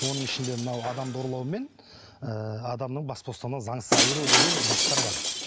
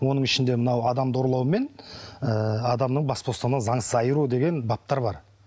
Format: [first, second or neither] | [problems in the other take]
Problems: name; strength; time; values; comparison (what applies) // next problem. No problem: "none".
second | background sound (Shatter); 4 dB above the speech